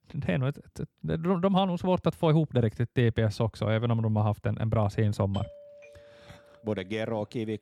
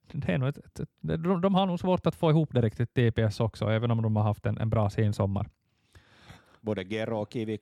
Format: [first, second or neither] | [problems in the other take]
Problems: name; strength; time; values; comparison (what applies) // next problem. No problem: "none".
second | doorbell; faint; from 5.5 to 7 s; peak 20 dB below the speech